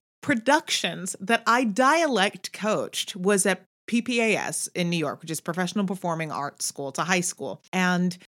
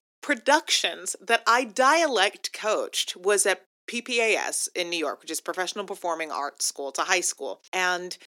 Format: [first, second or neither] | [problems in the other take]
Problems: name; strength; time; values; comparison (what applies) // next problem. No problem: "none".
first | thin; somewhat; fading below 300 Hz